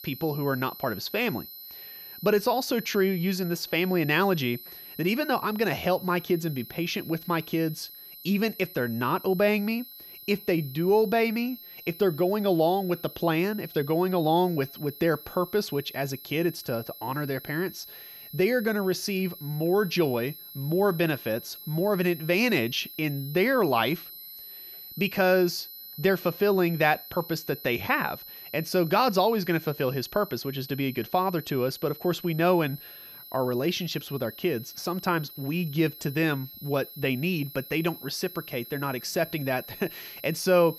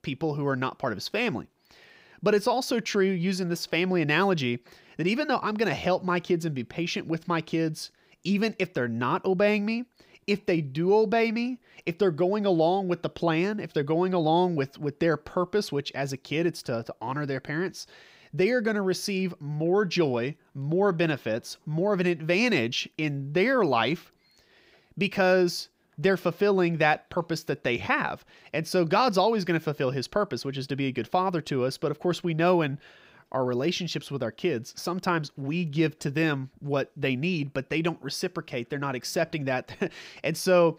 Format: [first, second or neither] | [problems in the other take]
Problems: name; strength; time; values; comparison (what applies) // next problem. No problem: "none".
second | high-pitched whine; noticeable; throughout; 11.5 kHz, 15 dB below the speech